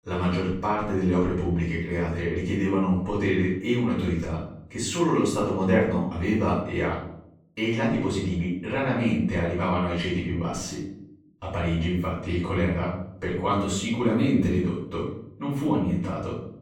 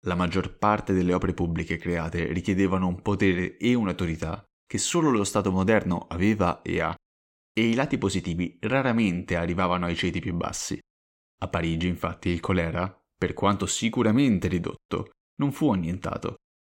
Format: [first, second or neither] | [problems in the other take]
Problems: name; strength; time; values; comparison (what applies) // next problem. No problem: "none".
second | off-mic speech; far // room echo; noticeable; dies away in 0.6 s